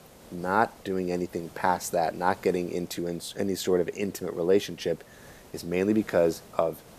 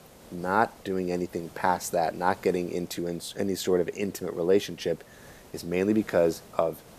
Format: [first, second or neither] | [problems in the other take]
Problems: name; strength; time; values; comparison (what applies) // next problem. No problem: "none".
neither | hiss; faint; throughout; 25 dB below the speech; the same in both